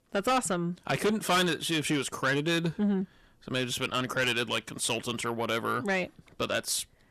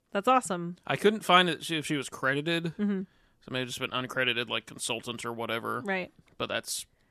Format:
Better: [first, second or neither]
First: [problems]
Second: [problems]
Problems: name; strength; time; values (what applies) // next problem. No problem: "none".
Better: second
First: distortion; heavy; 6 dB below the speech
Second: none